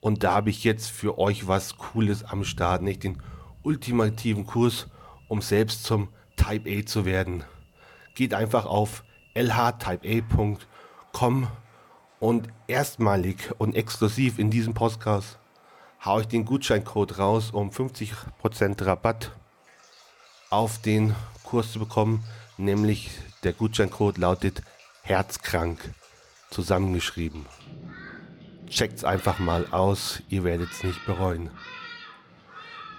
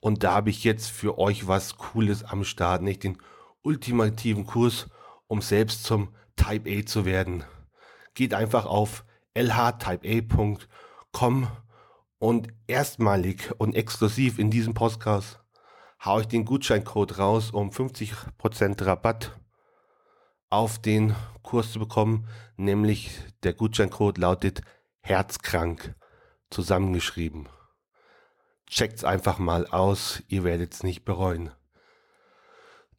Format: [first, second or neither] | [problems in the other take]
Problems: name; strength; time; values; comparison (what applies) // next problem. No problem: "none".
second | rain or running water; noticeable; throughout; 20 dB below the speech